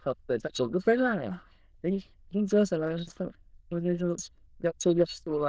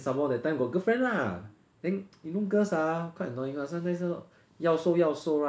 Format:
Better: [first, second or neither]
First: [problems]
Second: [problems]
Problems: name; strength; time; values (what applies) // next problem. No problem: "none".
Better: second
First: noise reduction (neural diffusion model UNIVERSE++)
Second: none